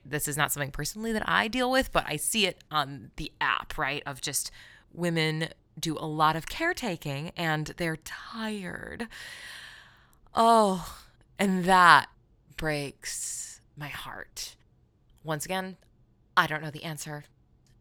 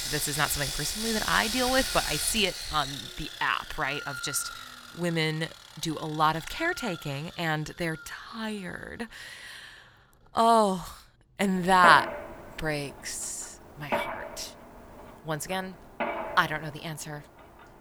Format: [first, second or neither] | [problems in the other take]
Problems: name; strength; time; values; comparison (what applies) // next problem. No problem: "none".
first | machinery noise; loud; throughout; 6 dB below the speech